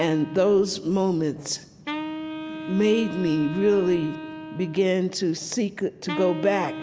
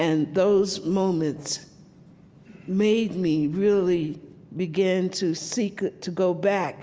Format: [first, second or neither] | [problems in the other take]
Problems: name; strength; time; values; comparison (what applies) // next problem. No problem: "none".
second | background sound (Wind instrument, woodwind instrument); 11 dB below the speech